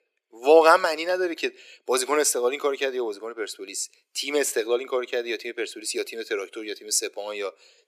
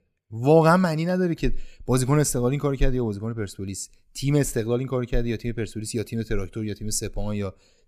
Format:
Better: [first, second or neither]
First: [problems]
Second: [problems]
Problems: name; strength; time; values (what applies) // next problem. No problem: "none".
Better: second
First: thin; very; fading below 350 Hz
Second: none